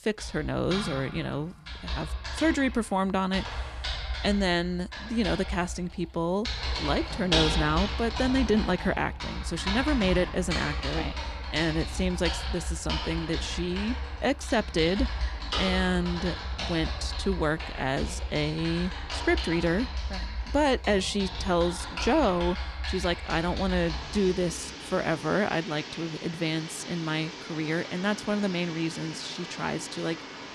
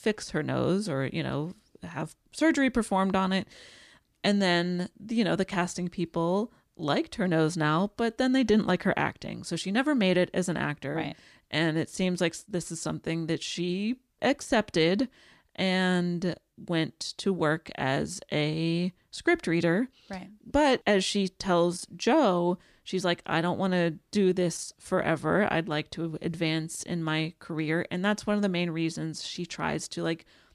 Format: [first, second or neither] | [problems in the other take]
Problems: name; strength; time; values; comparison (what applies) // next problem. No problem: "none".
second | household noises; loud; throughout; 5 dB below the speech